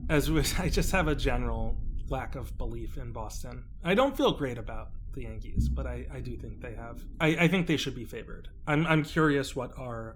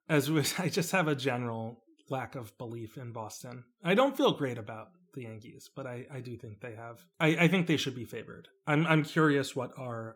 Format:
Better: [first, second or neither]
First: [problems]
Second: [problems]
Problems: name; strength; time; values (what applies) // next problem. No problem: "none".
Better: second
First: low rumble; faint; throughout; 25 dB below the speech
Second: none